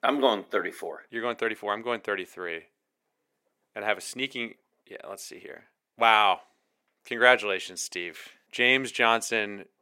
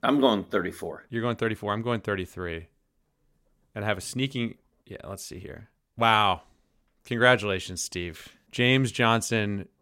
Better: second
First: thin; somewhat; fading below 400 Hz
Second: none

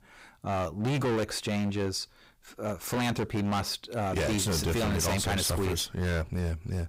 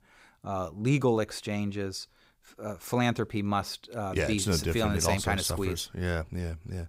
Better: second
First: distortion; heavy; 22% of the sound clipped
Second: none

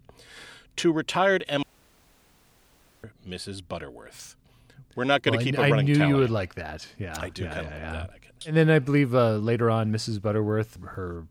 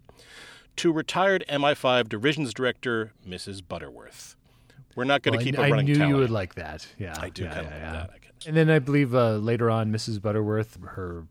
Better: second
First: audio cutting out; at 1.5 s for 1.5 s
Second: none

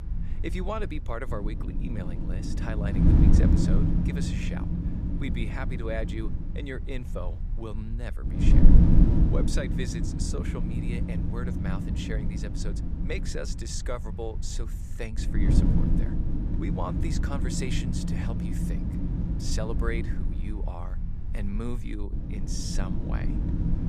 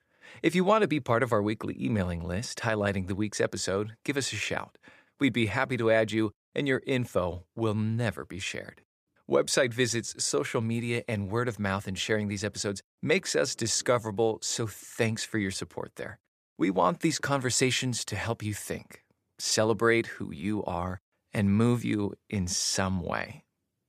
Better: second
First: wind noise on the microphone; heavy; 1 dB above the speech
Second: none

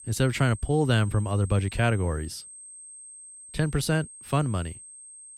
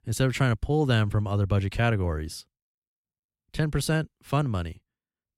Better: second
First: high-pitched whine; noticeable; throughout; 8.5 kHz, 15 dB below the speech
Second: none

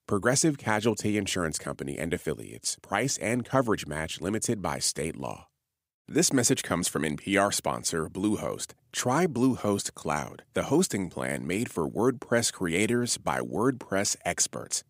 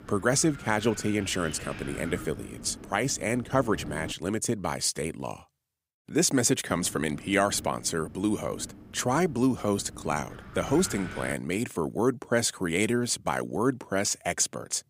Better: first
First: none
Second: wind noise on the microphone; occasional gusts; until 4 s and from 6.5 to 11 s; 15 dB below the speech

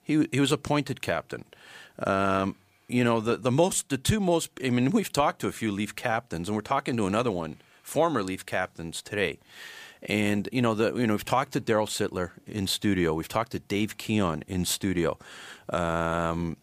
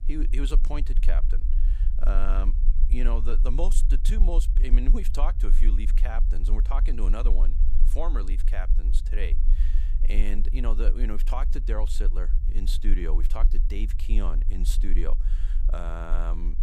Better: first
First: none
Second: low rumble; noticeable; throughout; 15 dB below the speech

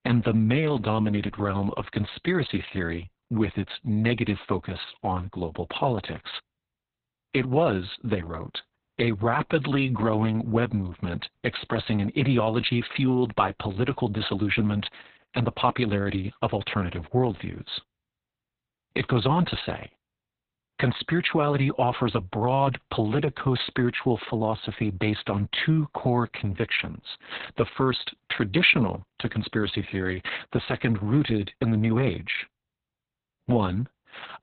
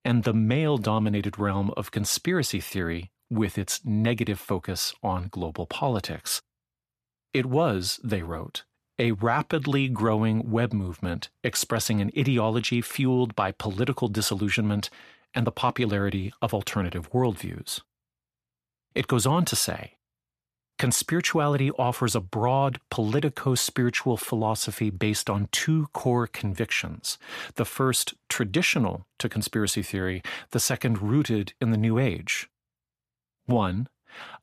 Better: second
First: garbled, watery; badly; nothing above 4 kHz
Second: none

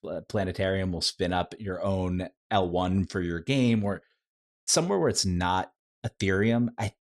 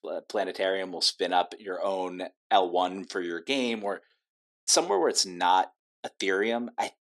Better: first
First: none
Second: thin; somewhat; fading below 300 Hz

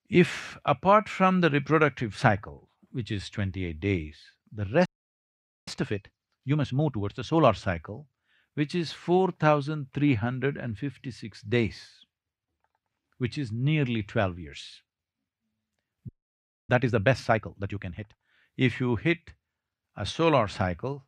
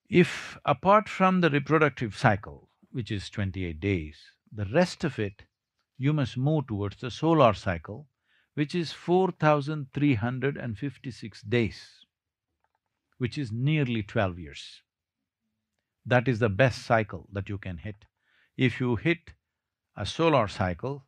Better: second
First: audio freezing; at 5 s for 1 s and at 16 s for 0.5 s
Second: none

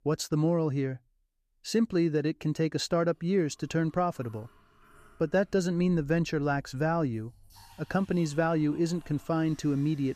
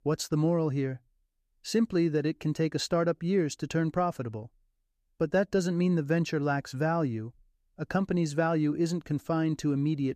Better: second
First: household noises; faint; from 3.5 s on; 30 dB below the speech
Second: none

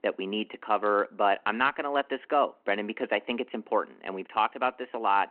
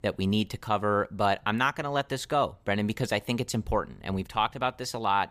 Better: second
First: phone-call audio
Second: none

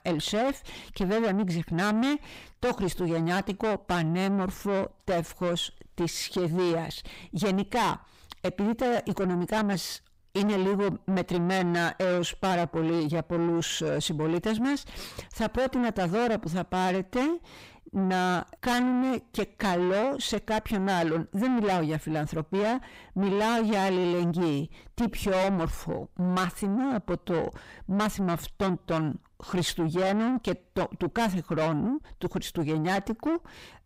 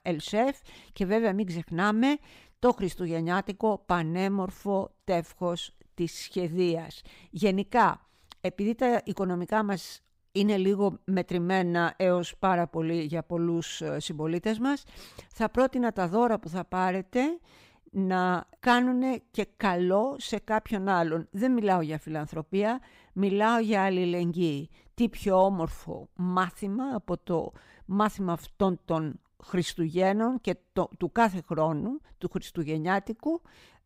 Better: second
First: distortion; heavy; 6 dB below the speech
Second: none

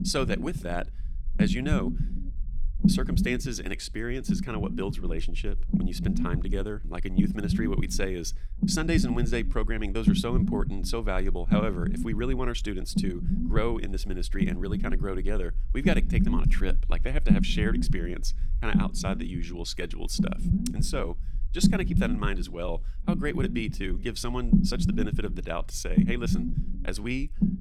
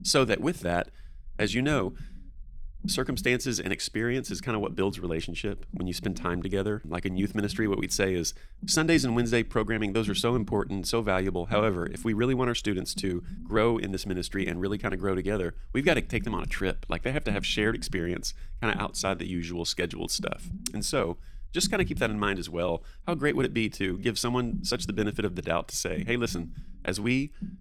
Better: second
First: low rumble; loud; throughout; 3 dB below the speech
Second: low rumble; faint; throughout; 20 dB below the speech

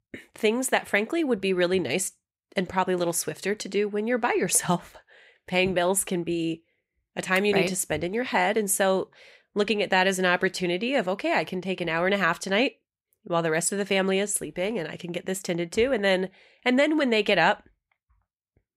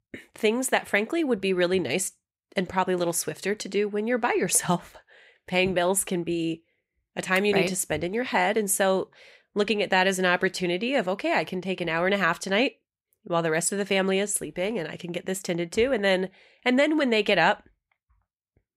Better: neither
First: none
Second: none

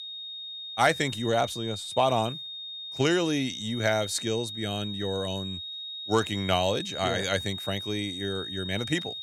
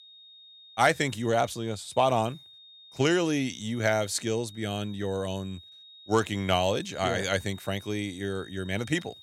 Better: second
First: high-pitched whine; loud; throughout; 3.5 kHz, 7 dB below the speech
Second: high-pitched whine; faint; throughout; 3.5 kHz, 20 dB below the speech

